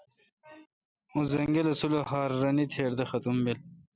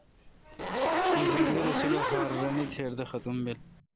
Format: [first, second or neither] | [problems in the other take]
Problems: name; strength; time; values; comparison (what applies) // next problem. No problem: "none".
first | background sound (Zipper (clothing)); 3 dB above the speech